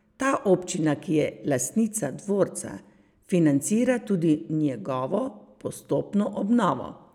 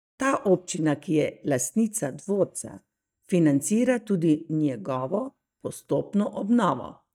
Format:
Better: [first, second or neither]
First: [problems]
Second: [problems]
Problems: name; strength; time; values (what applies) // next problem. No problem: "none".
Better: first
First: none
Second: noise reduction (neural mask model DeepFilterNet 3)